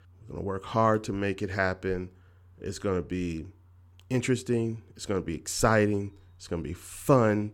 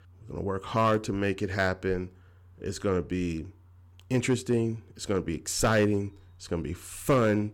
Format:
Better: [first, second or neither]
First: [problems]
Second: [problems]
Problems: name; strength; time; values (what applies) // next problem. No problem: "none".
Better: first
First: none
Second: distortion; slight; 2% of the sound clipped